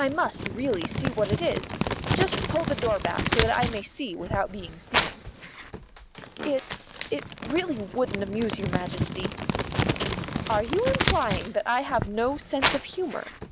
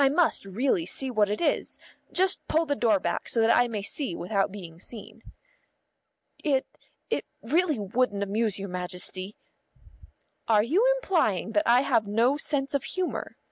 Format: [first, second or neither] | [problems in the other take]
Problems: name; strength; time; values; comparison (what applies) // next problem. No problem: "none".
second | background sound (Crumpling, crinkling); 1 dB below the speech